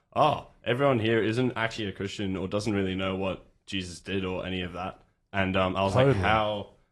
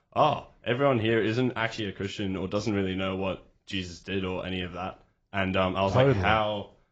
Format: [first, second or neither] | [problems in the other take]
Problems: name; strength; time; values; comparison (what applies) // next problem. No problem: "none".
first | garbled, watery; badly; nothing above 7.5 kHz; slightly in the first